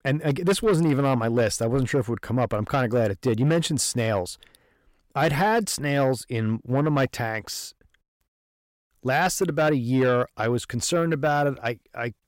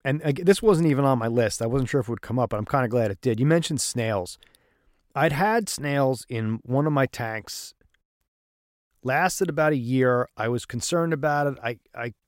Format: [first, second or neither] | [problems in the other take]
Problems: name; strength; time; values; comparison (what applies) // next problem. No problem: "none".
second | distortion; slight; 10 dB below the speech